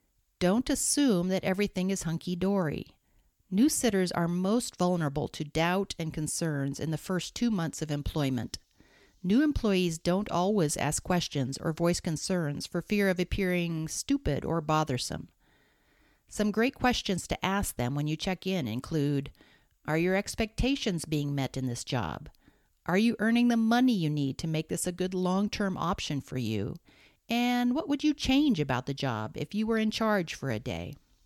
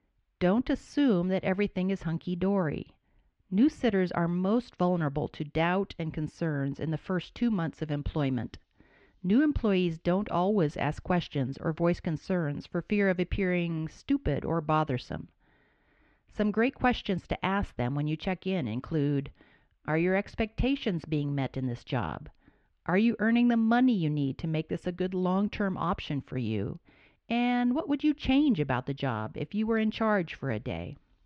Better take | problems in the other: first | muffled; very; fading above 3 kHz

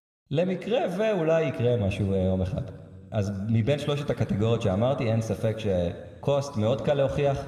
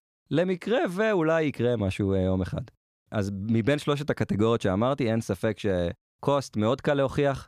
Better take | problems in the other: second | room echo; slight; dies away in 2 s

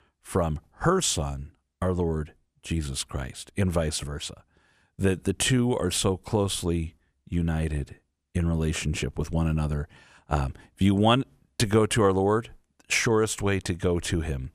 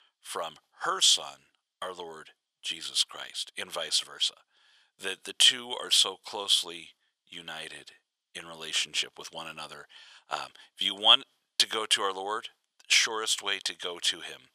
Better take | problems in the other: first | thin; very; fading below 850 Hz

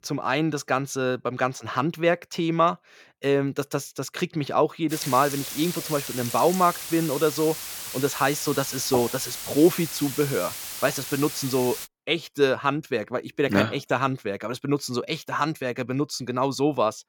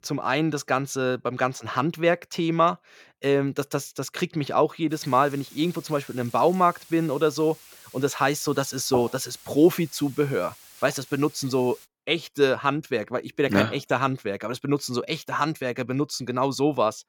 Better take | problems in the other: second | hiss; loud; from 5 to 12 s; 7 dB below the speech; faint in the second

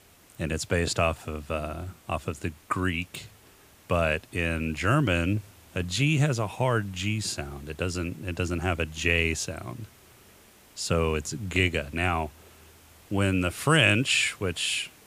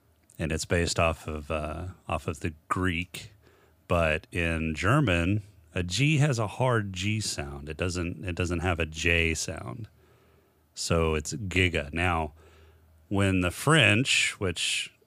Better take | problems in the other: second | hiss; faint; throughout; 25 dB below the speech

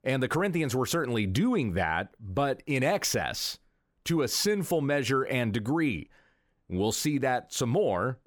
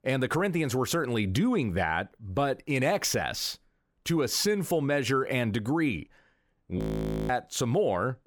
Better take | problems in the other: first | audio freezing; at 7 s for 0.5 s

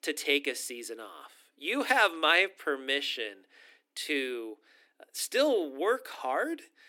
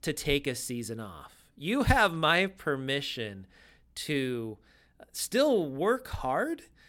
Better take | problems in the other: second | thin; very slightly; fading below 300 Hz

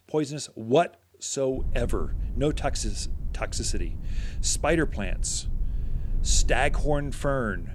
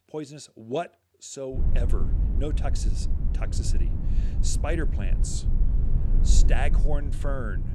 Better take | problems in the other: first | low rumble; loud; from 1.5 s on; 9 dB below the speech; faint in the first

